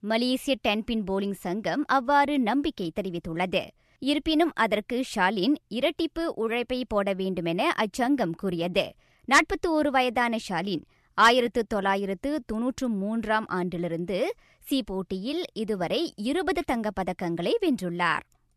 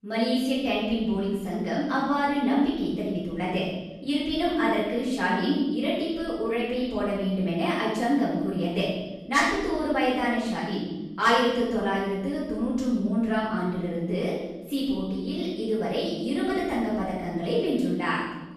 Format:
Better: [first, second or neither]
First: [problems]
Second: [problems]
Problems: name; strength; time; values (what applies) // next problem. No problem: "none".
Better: first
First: none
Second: off-mic speech; far // room echo; strong; dies away in 1.2 s